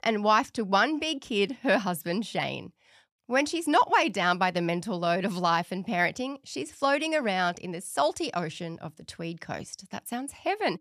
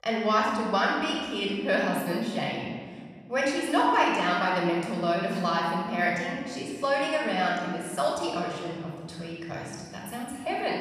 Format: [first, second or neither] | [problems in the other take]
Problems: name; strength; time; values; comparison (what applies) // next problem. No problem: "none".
first | off-mic speech; far // room echo; noticeable; dies away in 1.7 s